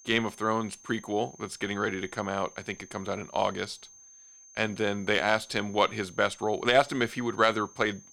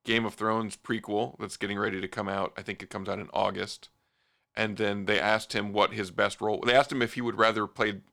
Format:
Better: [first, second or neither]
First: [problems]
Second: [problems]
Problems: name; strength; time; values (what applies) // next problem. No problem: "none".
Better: second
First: high-pitched whine; faint; throughout; 6.5 kHz, 20 dB below the speech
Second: none